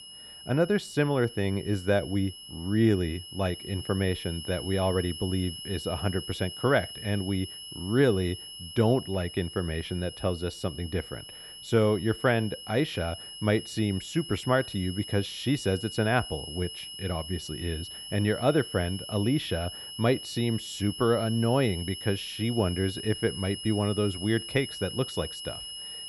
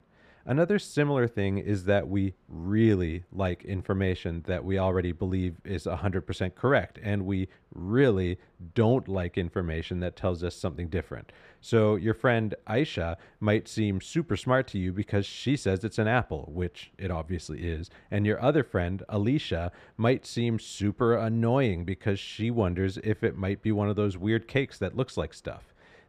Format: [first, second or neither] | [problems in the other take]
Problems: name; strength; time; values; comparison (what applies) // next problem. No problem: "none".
second | high-pitched whine; loud; throughout; 3 kHz, 10 dB below the speech